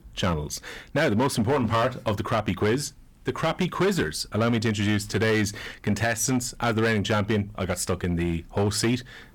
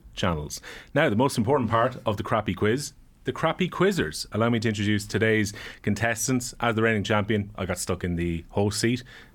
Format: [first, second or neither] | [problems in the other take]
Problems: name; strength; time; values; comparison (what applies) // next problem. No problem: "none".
second | distortion; slight; 9% of the sound clipped